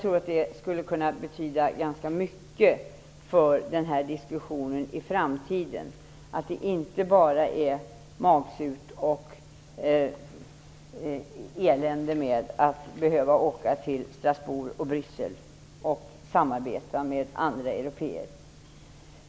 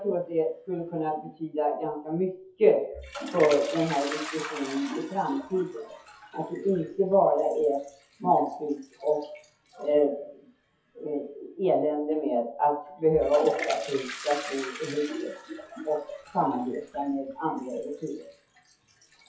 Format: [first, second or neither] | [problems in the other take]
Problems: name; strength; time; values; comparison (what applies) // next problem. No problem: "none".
first | noise reduction (classical method WPE with log-MMSE)